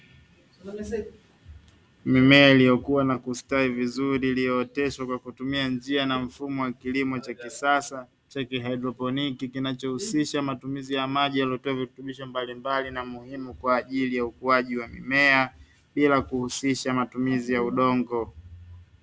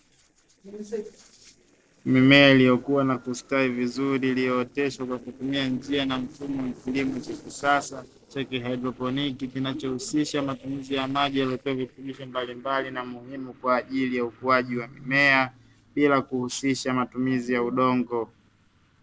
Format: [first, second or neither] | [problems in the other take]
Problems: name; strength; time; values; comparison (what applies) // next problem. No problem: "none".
first | noise reduction (neural separator model SepFormer DNS4)